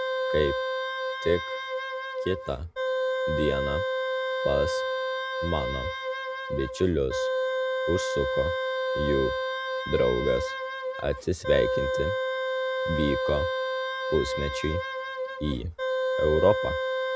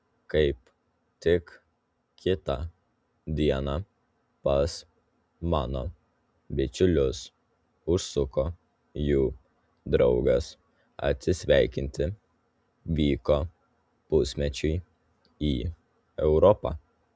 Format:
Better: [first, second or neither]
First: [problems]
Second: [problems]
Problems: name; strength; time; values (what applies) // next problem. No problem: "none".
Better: second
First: background sound (Wind instrument, woodwind instrument); 1 dB above the speech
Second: none